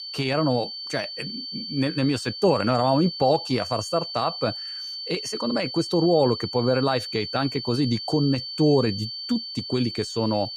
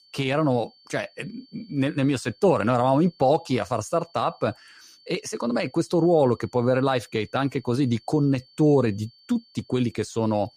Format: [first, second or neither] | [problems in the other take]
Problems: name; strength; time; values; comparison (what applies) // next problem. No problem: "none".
second | high-pitched whine; loud; throughout; 4.5 kHz, 7 dB below the speech; faint in the second